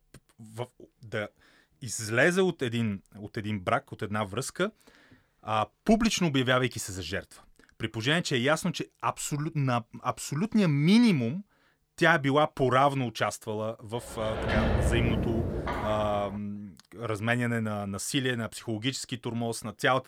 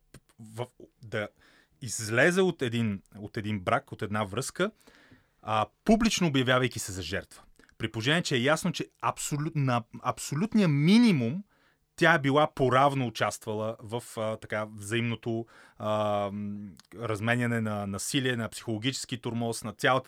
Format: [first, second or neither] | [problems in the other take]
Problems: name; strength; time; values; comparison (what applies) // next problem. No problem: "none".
second | door banging; loud; from 14 to 16 s; peak 2 dB above the speech